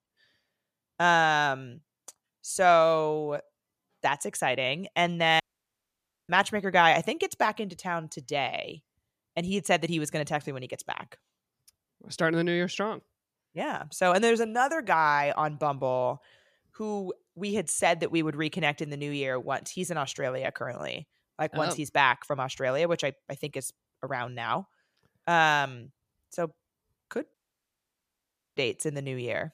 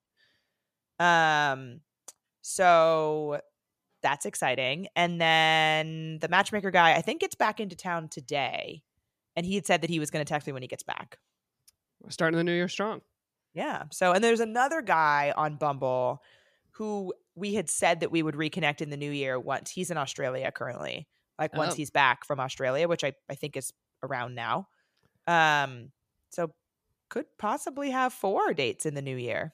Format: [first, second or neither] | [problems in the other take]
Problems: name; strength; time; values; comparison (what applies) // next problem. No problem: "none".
second | audio cutting out; at 5.5 s for 1 s and at 27 s for 1 s